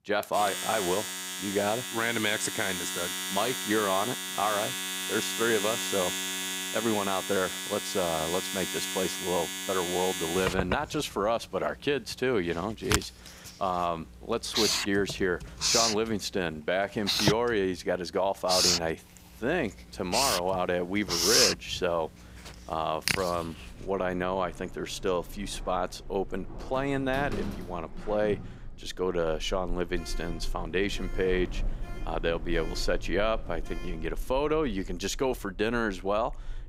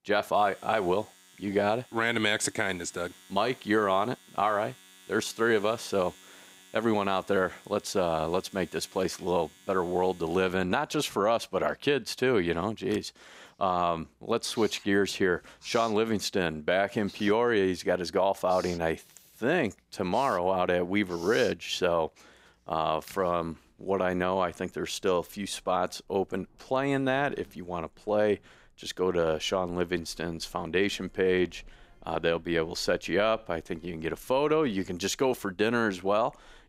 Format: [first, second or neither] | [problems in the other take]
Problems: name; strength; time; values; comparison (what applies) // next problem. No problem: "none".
second | household noises; loud; throughout; as loud as the speech; faint in the second